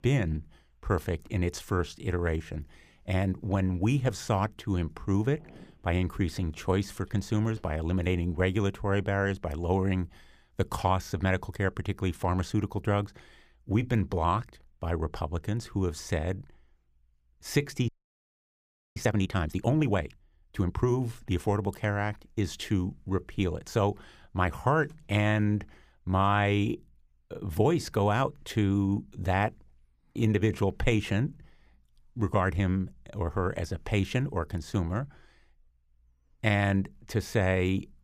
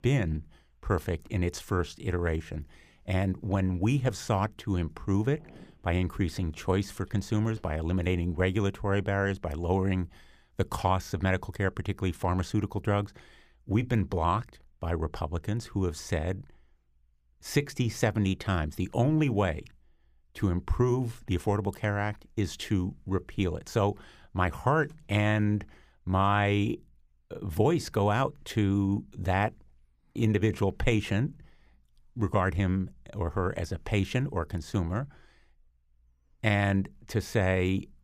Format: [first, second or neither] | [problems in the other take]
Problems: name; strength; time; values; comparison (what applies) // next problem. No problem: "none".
second | audio freezing; at 18 s for 1 s